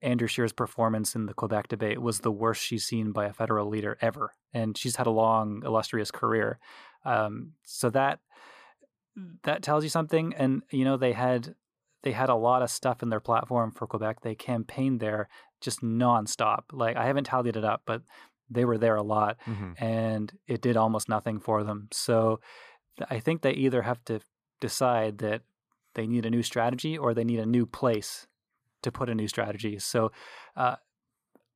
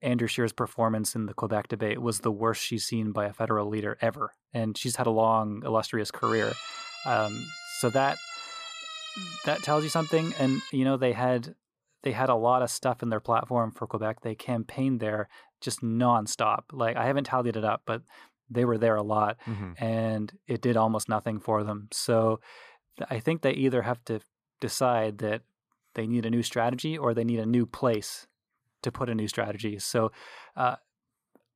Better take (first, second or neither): first